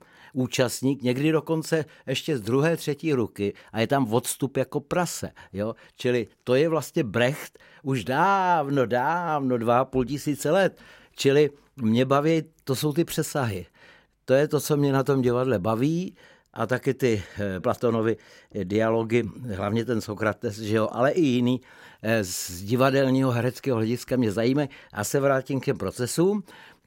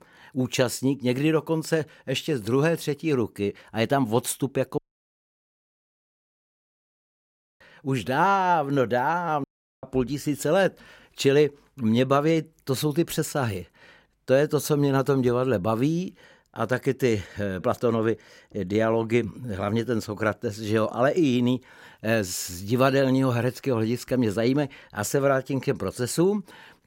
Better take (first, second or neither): first